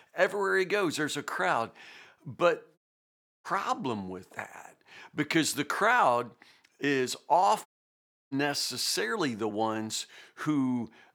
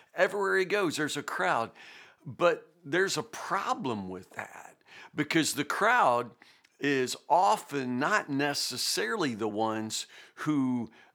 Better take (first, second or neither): second